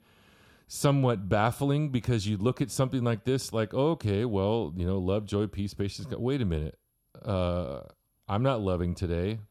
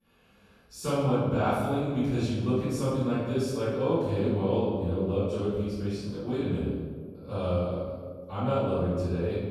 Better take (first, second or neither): first